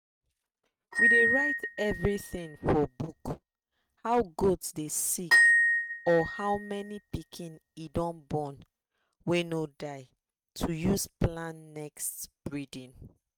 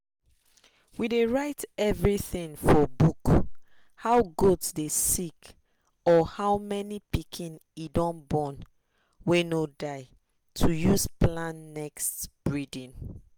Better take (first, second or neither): second